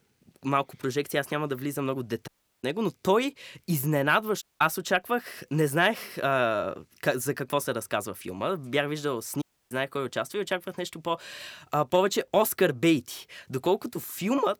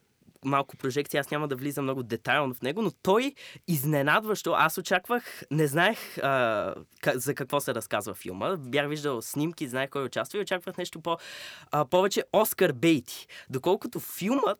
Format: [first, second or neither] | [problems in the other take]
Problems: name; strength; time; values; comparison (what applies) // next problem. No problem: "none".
second | audio cutting out; at 2.5 s, at 4.5 s and at 9.5 s